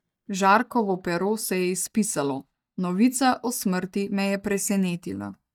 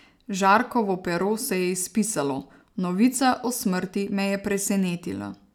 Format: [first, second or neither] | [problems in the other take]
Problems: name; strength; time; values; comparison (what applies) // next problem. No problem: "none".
second | noise reduction (neural mask model DeepFilterNet 3)